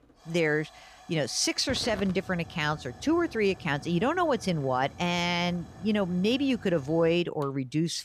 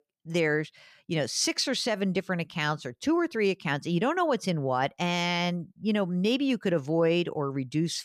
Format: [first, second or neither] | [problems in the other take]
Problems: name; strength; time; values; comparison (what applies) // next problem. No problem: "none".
second | hiss; noticeable; throughout; 20 dB below the speech